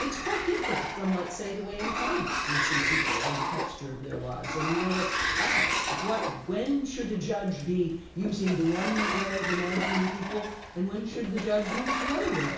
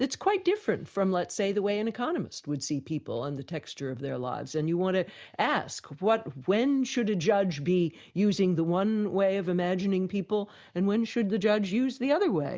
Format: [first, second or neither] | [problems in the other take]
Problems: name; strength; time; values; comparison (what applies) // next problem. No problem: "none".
second | background sound (Sliding door); 1 dB below the speech // room echo; dies away in 0.6 s